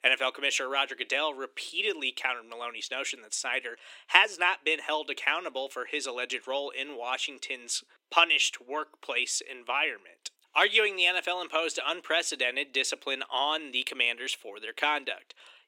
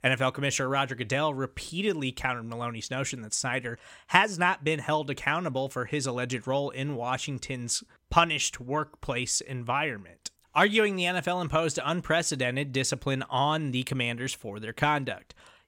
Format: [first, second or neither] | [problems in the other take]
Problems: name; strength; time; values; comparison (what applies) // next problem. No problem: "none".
second | thin; very; fading below 300 Hz